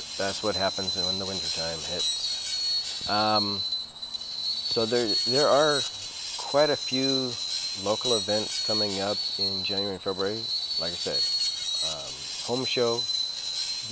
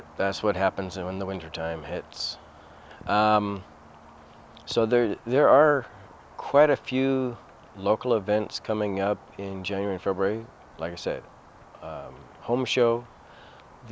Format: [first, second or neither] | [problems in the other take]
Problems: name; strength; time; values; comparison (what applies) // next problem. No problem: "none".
second | background sound (Screech); as loud as the speech